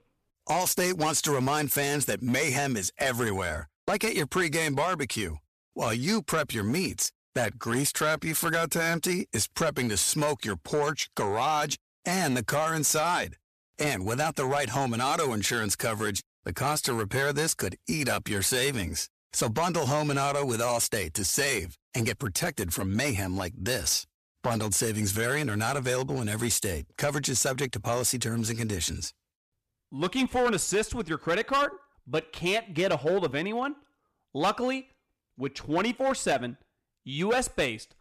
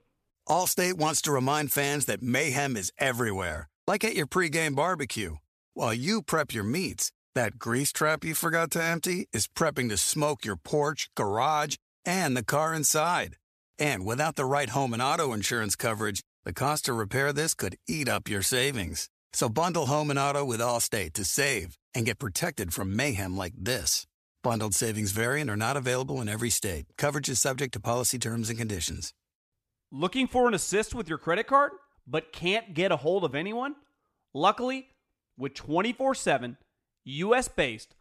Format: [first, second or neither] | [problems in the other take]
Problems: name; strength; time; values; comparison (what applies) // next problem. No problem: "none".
second | distortion; slight; 6% of the sound clipped